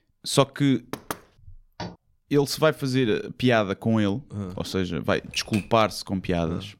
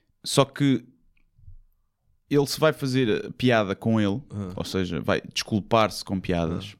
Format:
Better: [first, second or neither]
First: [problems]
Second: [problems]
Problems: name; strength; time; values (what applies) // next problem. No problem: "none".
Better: second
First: door banging; faint; at 1 s and at 2 s; peak 10 dB below the speech // keyboard typing; faint; at 5 s; peak 10 dB below the speech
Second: none